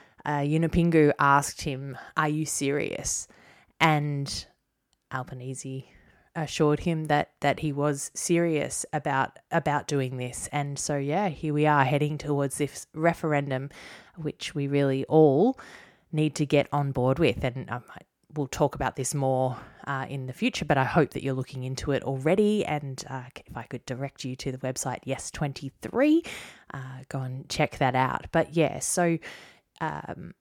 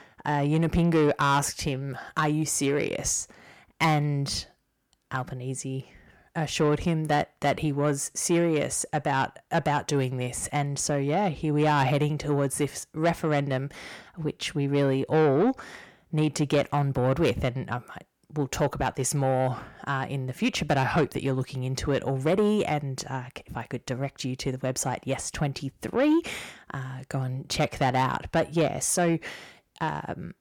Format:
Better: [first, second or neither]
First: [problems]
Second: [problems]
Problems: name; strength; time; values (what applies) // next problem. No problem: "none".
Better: first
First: none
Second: distortion; slight; 10 dB below the speech